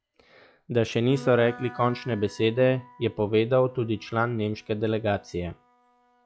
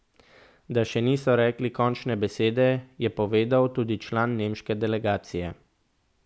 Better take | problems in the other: second | noise reduction (classical method log-MMSE)

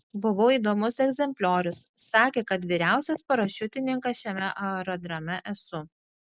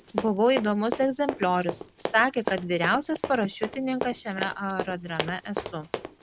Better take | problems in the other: first | background sound (Run); 8 dB below the speech

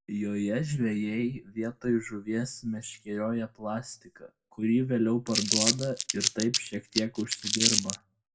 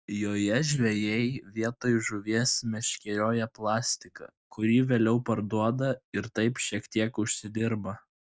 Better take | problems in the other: second | background sound (Crumpling, crinkling); 1 dB above the speech // room echo; dies away in 0.2 s

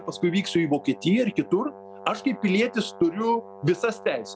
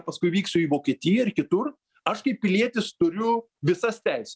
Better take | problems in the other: second | background sound (Brass instrument); 18 dB below the speech

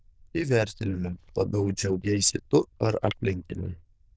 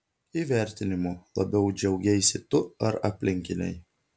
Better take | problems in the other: second | noise reduction (neural diffusion model UNIVERSE++)

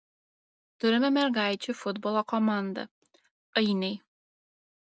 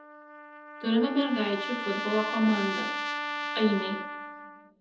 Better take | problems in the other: first | background sound (Trumpet); 5 dB below the speech // room echo; dies away in 0.8 s

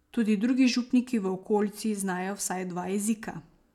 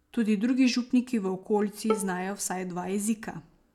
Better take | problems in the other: first | background sound (Bowed string instrument); 8 dB below the speech

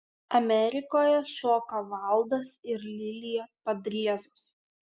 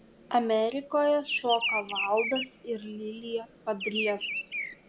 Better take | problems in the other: first | background sound (Bird vocalization, bird call, bird song); 6 dB below the speech

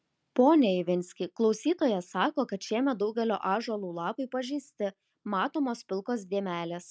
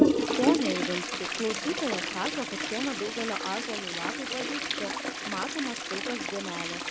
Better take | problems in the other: first | background sound (Toilet flush); 4 dB above the speech

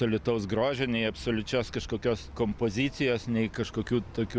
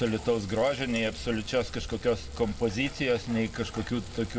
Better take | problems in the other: first | background sound (Frying (food)); 18 dB below the speech // room echo; dies away in 0.6 s

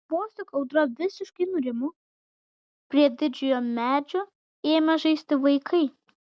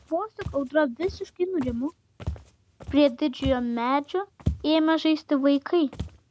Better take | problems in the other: first | background sound (Walk, footsteps); 12 dB below the speech

